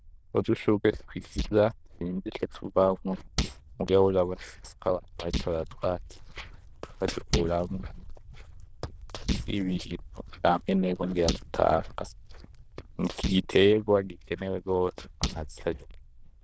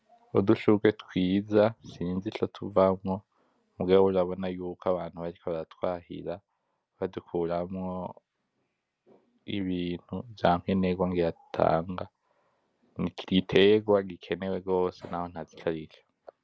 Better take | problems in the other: second | noise reduction (neural diffusion model UNIVERSE++)

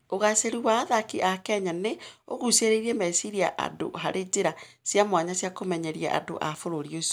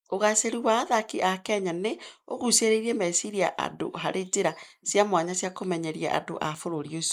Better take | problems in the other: first | noise reduction (neural mask model Resemble Enhance denoiser)

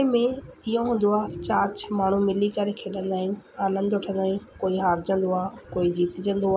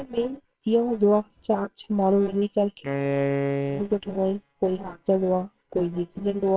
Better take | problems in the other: first | noise reduction (neural separator model SepFormer WHAMR!)

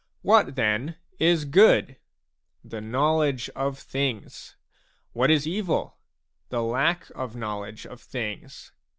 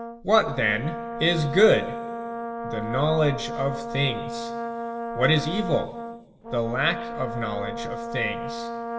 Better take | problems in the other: first | background sound (Brass instrument); 7 dB below the speech // room echo; dies away in 2.2 s

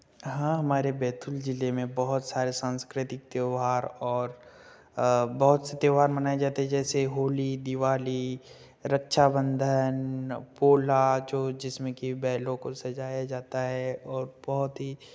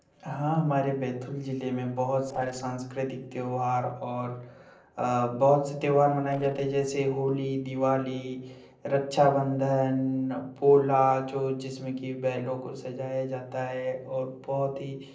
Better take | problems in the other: first | noise reduction (neural separator model SepFormer DNS4)

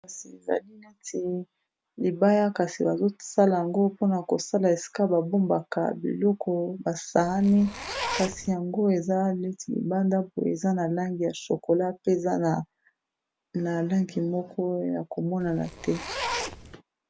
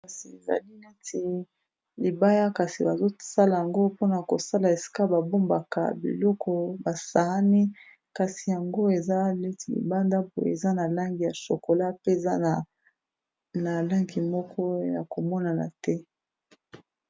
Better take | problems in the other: second | background sound (Zipper (clothing)); 8 dB below the speech

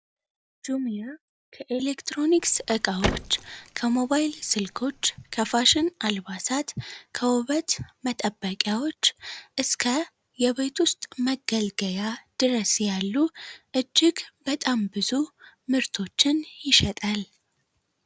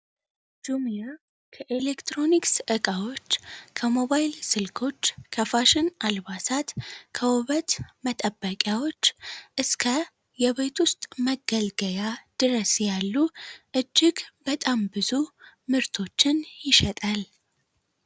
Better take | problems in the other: second | background sound (Car); 9 dB below the speech

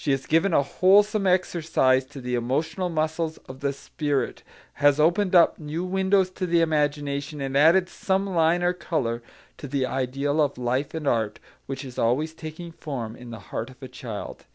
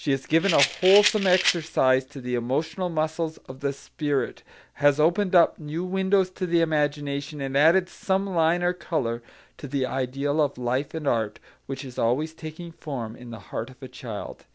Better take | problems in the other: first | background sound (Rattle); 3 dB below the speech

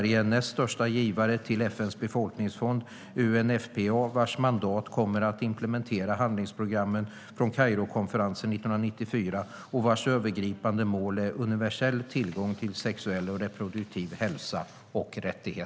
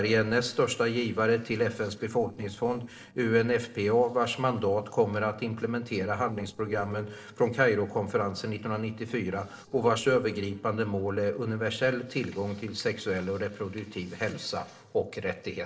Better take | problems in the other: first | noise reduction (neural separator model SepFormer DNS4)

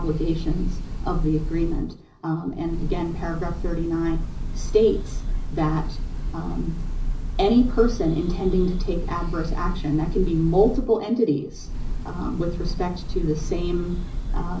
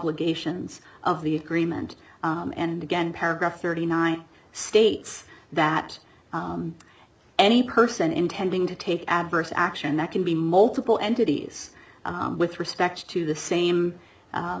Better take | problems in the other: second | background sound (Bird / Breathing); 2 dB below the speech // room echo; dies away in 0.5 s

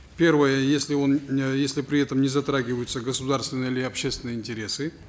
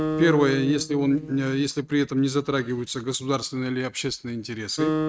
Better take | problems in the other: first | noise reduction (neural mask model RNNoise)

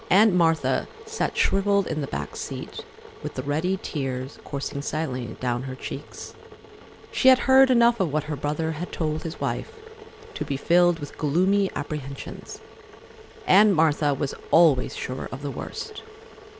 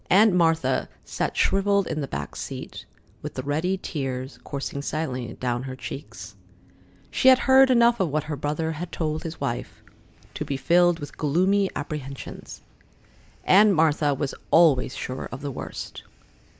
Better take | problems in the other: second | background sound (Boiling / Water); 19 dB below the speech

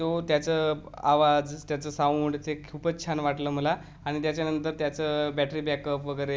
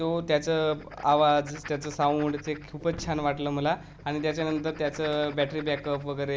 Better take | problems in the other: first | background sound (Shatter + Writing); 19 dB below the speech

